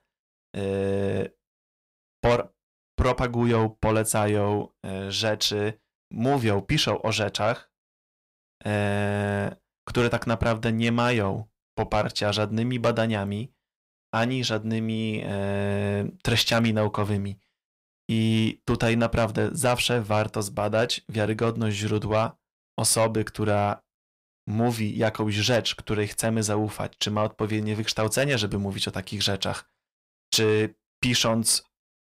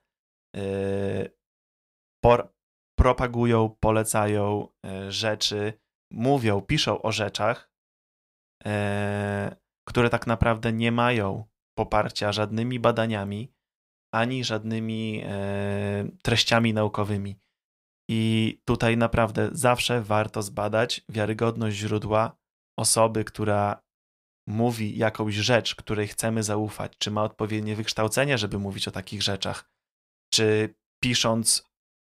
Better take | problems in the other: second | distortion; slight; 10 dB below the speech

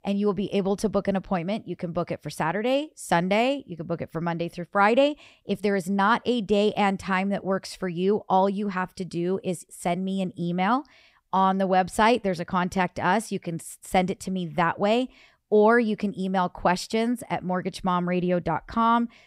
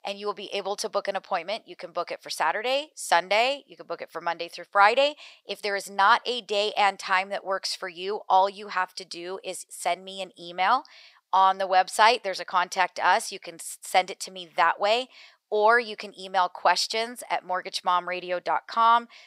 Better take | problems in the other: first | thin; very; fading below 750 Hz

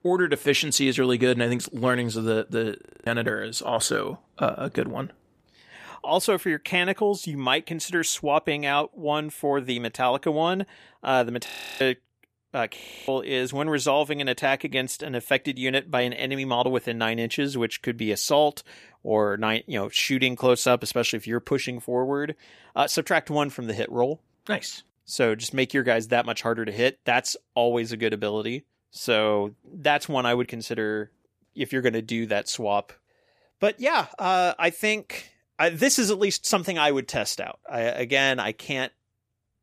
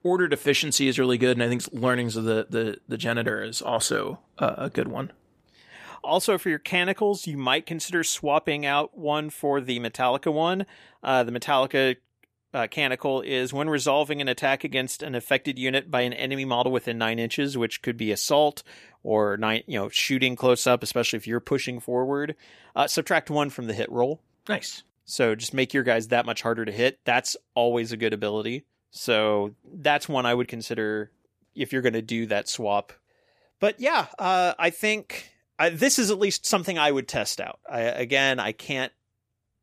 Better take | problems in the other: second | audio freezing; at 3 s, at 11 s and at 13 s

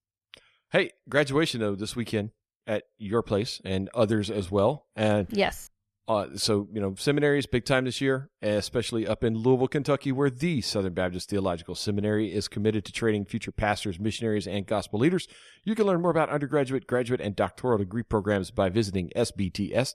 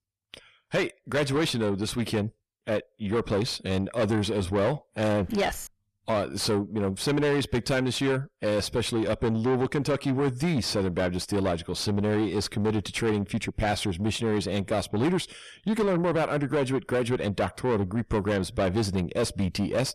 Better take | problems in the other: first | distortion; heavy; 8 dB below the speech

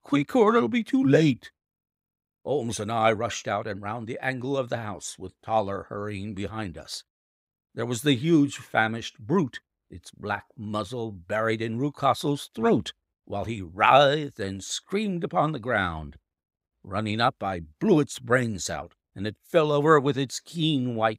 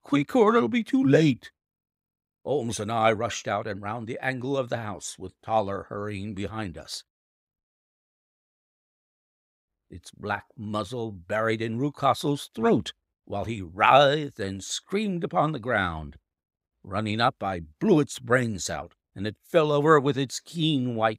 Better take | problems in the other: first | audio cutting out; at 7.5 s for 2 s

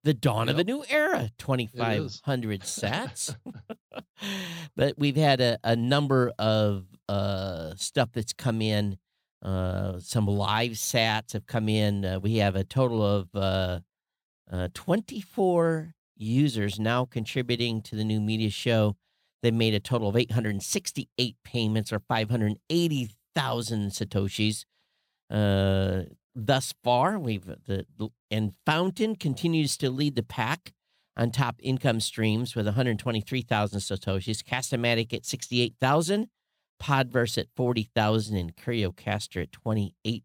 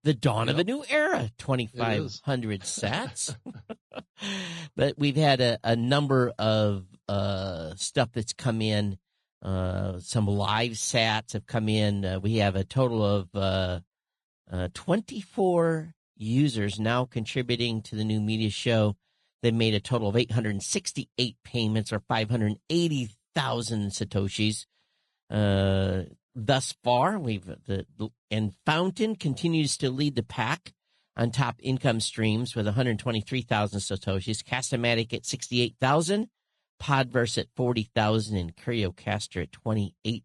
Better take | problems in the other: first | garbled, watery; slightly; nothing above 10 kHz

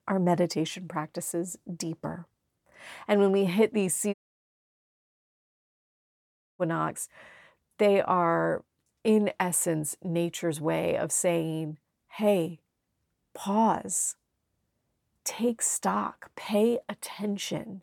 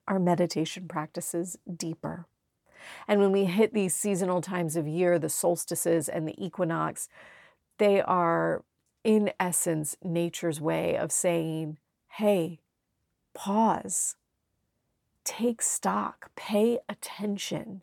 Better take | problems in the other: second | audio cutting out; at 4 s for 2.5 s

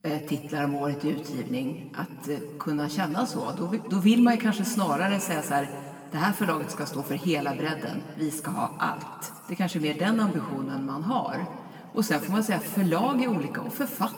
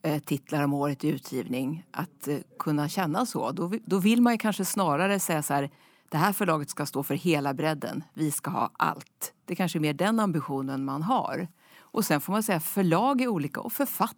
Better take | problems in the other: second | room echo; noticeable; dies away in 1.8 s // off-mic speech; somewhat distant

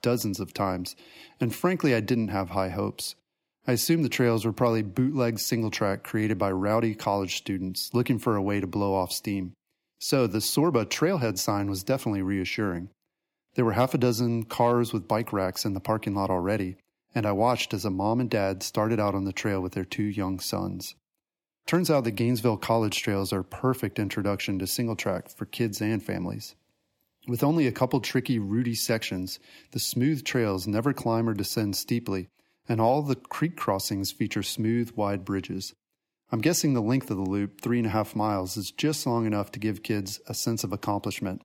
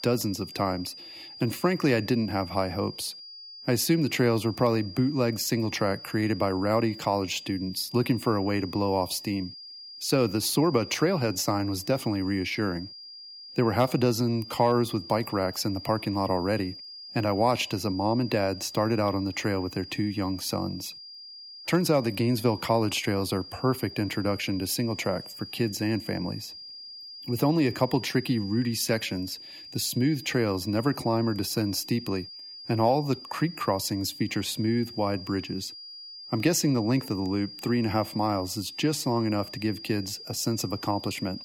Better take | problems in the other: first | high-pitched whine; noticeable; throughout; 5 kHz, 15 dB below the speech

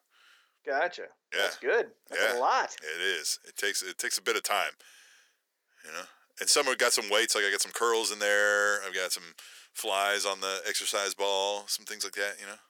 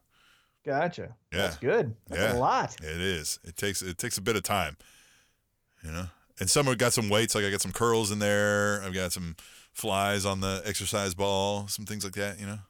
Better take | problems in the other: second | thin; very; fading below 350 Hz

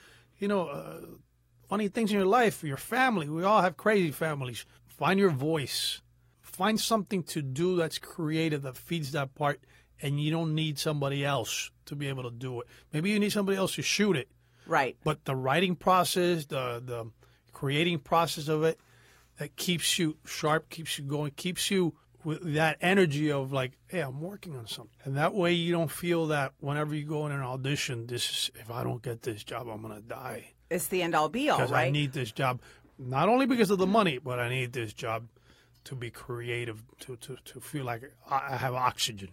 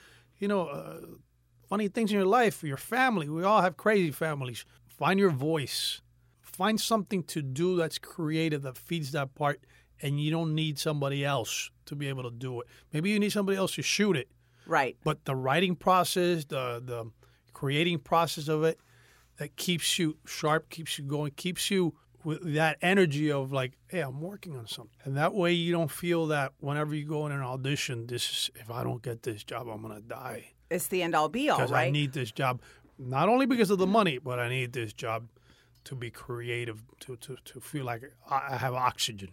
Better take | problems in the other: second | garbled, watery; slightly; nothing above 16.5 kHz

